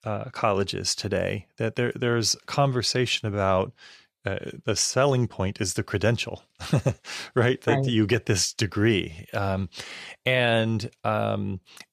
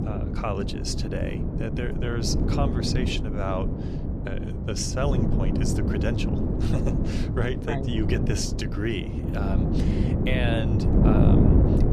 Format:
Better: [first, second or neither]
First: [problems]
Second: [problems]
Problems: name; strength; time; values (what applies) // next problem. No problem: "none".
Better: first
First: none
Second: wind noise on the microphone; heavy; 1 dB below the speech